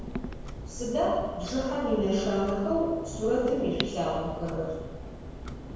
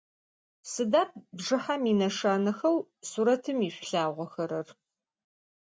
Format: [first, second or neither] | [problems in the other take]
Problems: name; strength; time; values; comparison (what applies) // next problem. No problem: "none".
second | background sound (Clock); 9 dB below the speech // room echo; dies away in 1.2 s